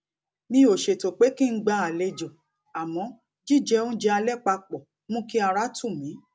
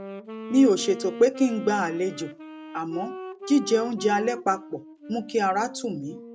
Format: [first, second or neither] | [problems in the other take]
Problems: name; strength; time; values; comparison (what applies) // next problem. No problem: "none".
first | background sound (Wind instrument, woodwind instrument); 13 dB below the speech